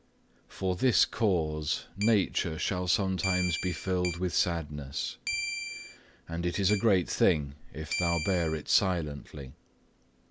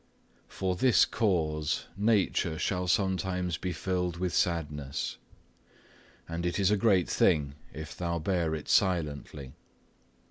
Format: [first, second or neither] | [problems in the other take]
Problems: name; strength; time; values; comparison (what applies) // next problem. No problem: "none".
second | background sound (Keyboard (musical)); 8 dB below the speech